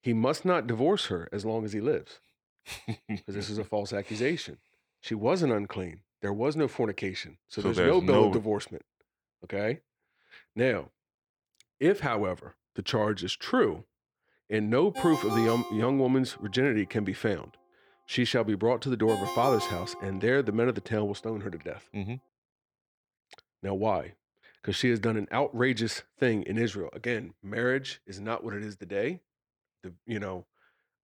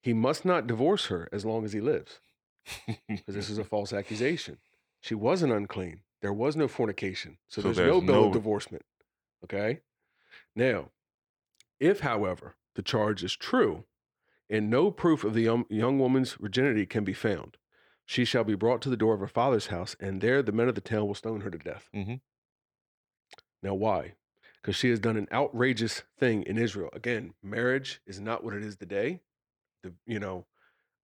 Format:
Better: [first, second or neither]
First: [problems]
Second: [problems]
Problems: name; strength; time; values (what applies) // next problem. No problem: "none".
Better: second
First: phone ringing; noticeable; from 15 to 20 s; peak 3 dB below the speech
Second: none